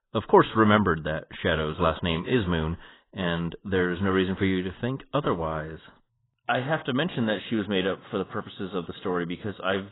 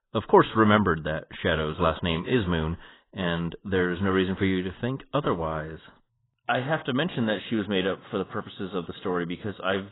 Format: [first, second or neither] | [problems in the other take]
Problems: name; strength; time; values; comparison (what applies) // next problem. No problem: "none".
neither | garbled, watery; badly; nothing above 4 kHz; the same in both